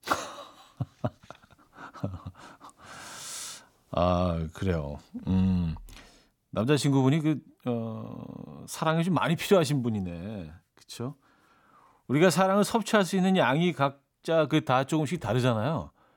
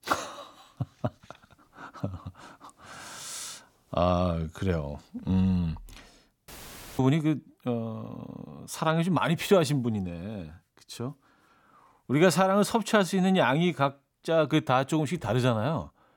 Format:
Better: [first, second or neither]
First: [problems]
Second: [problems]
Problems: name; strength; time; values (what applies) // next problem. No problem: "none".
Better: first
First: none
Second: audio cutting out; filled with static; at 6.5 s for 0.5 s